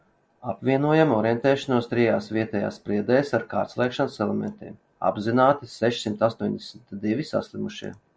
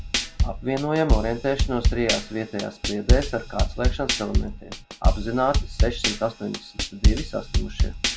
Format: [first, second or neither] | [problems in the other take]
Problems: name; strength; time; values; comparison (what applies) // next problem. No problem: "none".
first | background sound (Drum / Drum kit); 4 dB above the speech